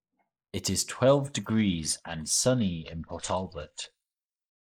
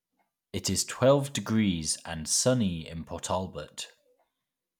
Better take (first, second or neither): second